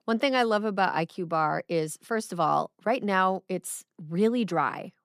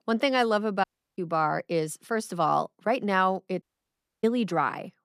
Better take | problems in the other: first | audio cutting out; at 1 s and at 3.5 s for 0.5 s

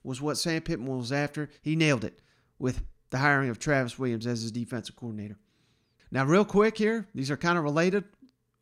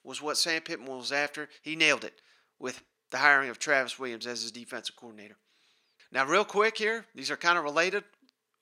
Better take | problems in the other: first | thin; very; fading below 500 Hz

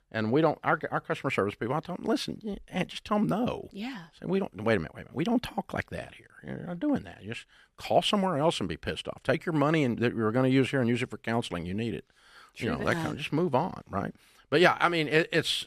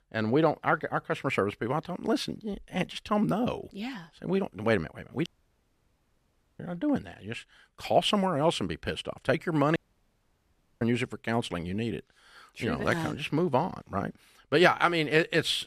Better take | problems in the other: first | audio cutting out; at 5.5 s for 1.5 s and at 10 s for 1 s

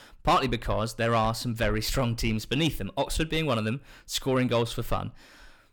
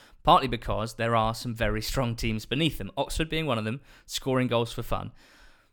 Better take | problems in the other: second | distortion; slight; 10 dB below the speech

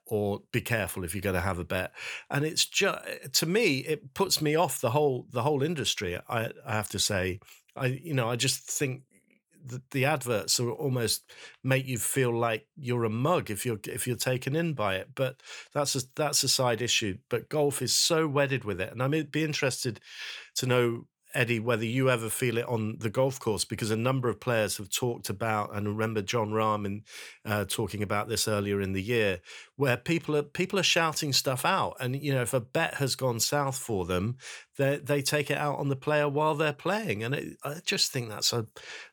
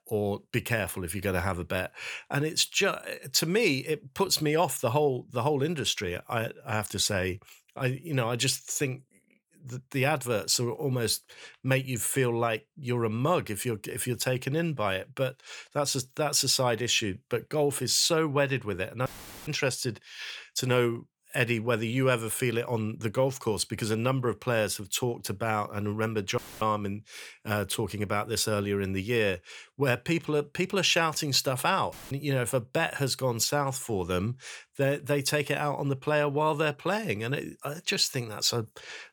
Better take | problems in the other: first | audio cutting out; filled with static; at 19 s, at 26 s and at 32 s

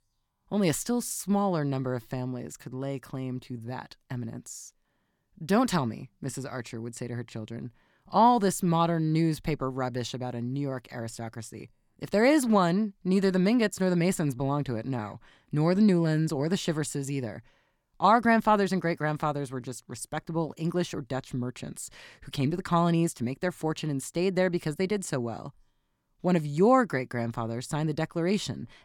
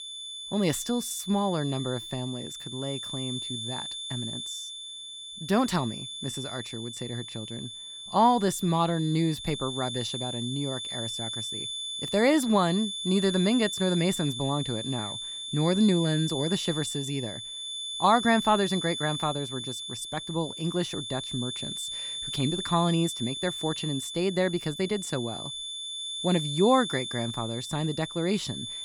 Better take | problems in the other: first | high-pitched whine; loud; throughout; 3.5 kHz, 6 dB below the speech

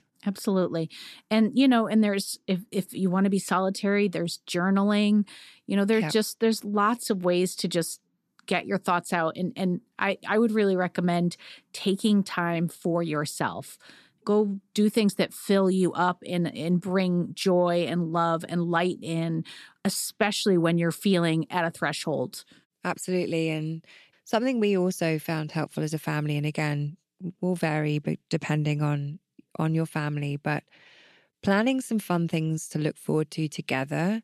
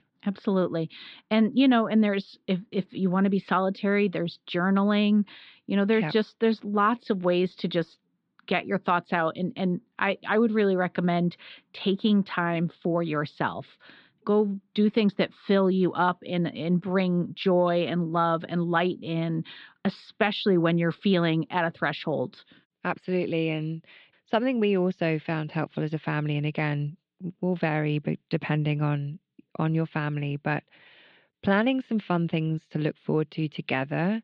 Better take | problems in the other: first | muffled; slightly; fading above 3.5 kHz

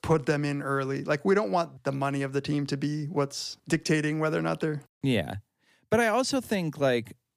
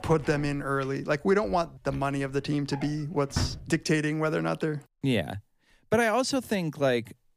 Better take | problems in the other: first | household noises; noticeable; throughout; 15 dB below the speech

